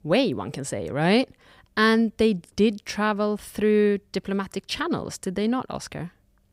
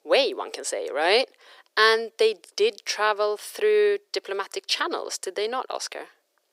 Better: first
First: none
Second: thin; very; fading below 400 Hz

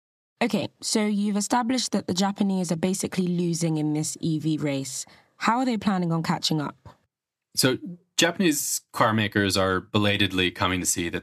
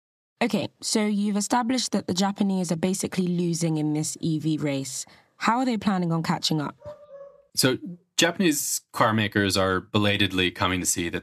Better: first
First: none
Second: dog barking; faint; at 7 s; peak 20 dB below the speech

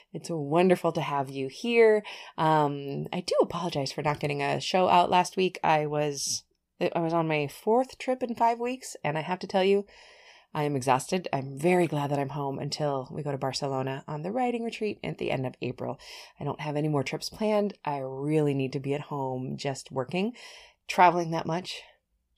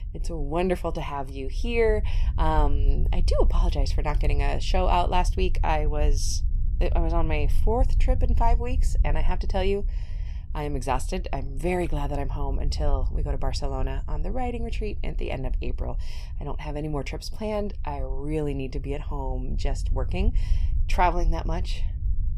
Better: first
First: none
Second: low rumble; faint; throughout; 20 dB below the speech

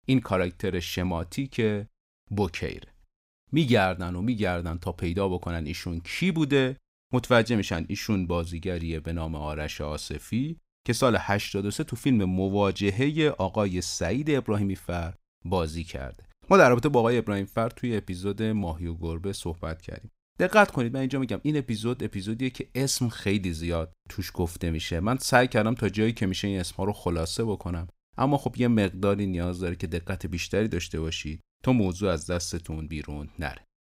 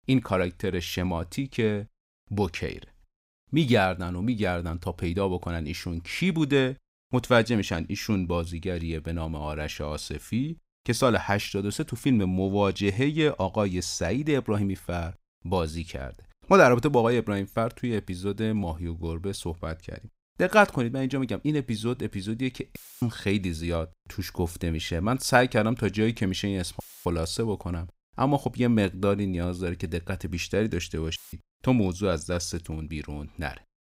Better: first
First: none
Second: audio cutting out; filled with static; at 23 s, at 27 s and at 31 s

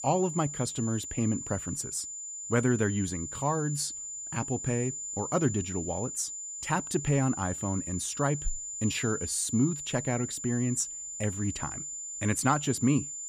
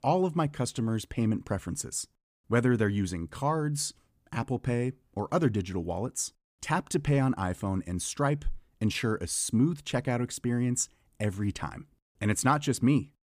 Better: second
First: high-pitched whine; loud; throughout; 7 kHz, 5 dB below the speech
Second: none

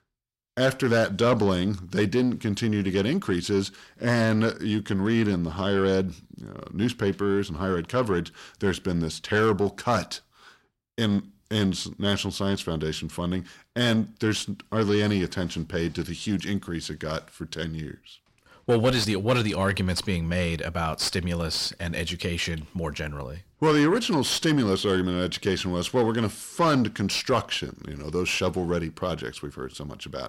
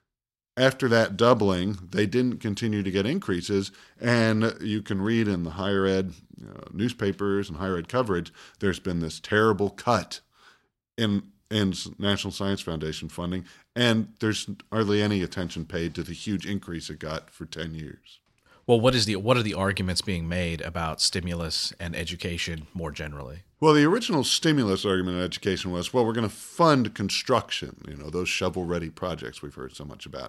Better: second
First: distortion; slight; 10 dB below the speech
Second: none

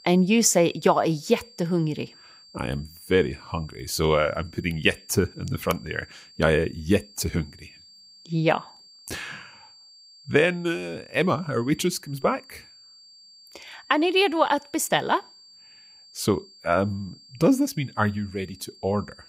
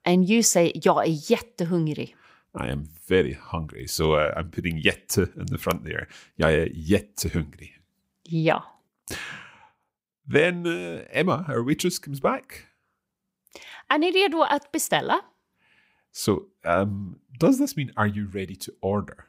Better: second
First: high-pitched whine; faint; throughout; 4.5 kHz, 25 dB below the speech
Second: none

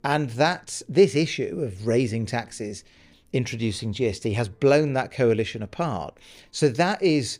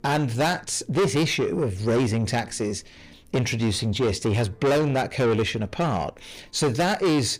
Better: first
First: none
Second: distortion; heavy; 6 dB below the speech

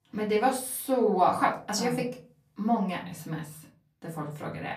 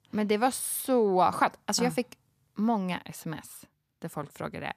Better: second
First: room echo; slight; dies away in 0.3 s // off-mic speech; far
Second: none

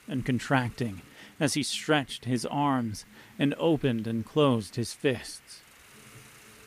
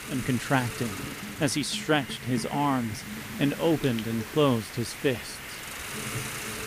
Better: first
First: hiss; faint; throughout; 25 dB below the speech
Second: hiss; loud; throughout; 8 dB below the speech

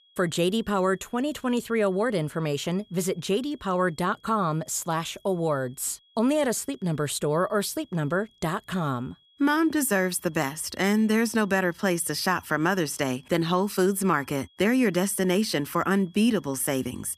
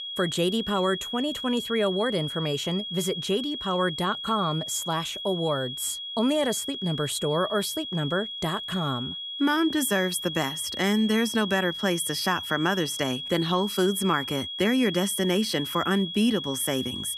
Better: first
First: high-pitched whine; faint; throughout; 3.5 kHz, 35 dB below the speech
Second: high-pitched whine; loud; throughout; 3.5 kHz, 6 dB below the speech

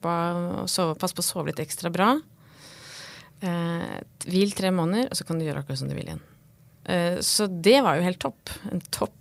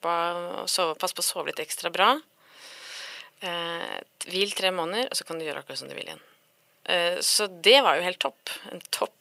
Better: first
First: none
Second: thin; very; fading below 500 Hz

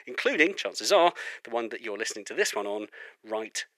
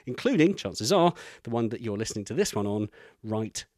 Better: second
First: thin; very; fading below 400 Hz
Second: none

